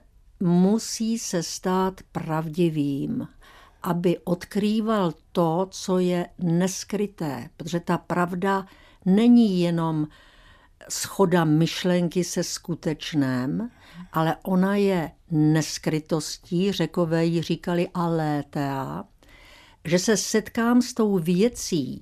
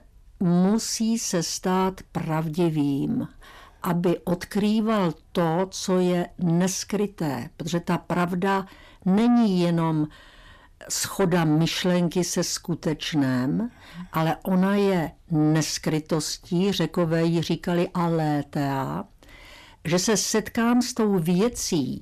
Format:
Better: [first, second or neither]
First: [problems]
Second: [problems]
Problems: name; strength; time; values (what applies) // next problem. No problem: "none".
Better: first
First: none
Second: distortion; slight; 10 dB below the speech